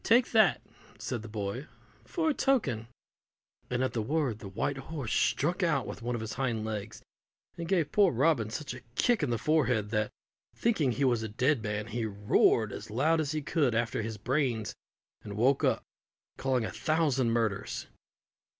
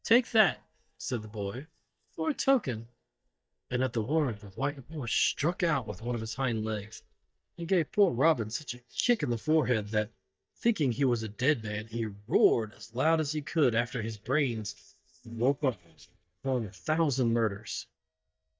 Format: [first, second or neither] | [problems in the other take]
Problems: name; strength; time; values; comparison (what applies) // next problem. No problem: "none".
first | noise reduction (neural mask model DeepFilterNet 3)